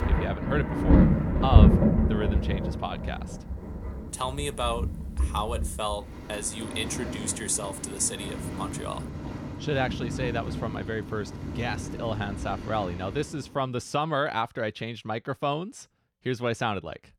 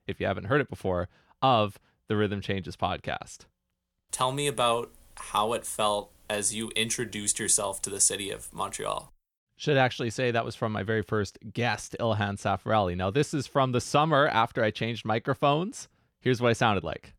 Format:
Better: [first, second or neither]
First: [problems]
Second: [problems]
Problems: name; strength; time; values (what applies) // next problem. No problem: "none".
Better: second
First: rain or running water; very loud; until 13 s; 3 dB above the speech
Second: none